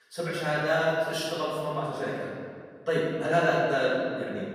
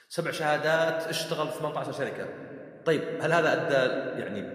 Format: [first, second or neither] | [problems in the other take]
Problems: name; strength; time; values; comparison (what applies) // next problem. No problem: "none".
second | room echo; strong; dies away in 1.8 s; slight in the second // off-mic speech; far